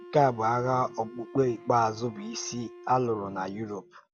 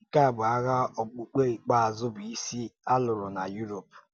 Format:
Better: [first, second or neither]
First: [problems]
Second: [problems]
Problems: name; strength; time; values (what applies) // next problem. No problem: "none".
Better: second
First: background sound (Wind instrument, woodwind instrument); 19 dB below the speech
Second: none